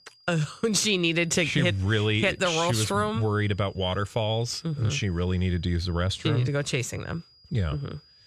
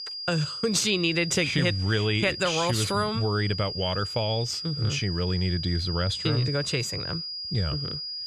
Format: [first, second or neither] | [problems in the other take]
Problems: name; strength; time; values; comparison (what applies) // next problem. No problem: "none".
first | high-pitched whine; loud; throughout; 5 kHz, 6 dB below the speech; faint in the first